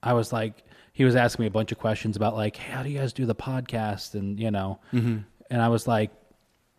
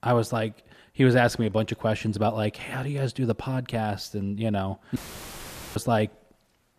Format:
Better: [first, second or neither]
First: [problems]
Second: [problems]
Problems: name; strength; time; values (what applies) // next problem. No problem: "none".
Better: first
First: none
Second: audio cutting out; filled with static; at 5 s for 1 s